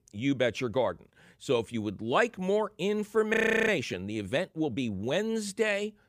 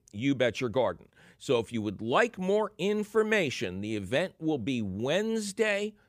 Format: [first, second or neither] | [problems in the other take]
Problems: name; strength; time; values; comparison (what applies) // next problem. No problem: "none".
second | audio freezing; at 3.5 s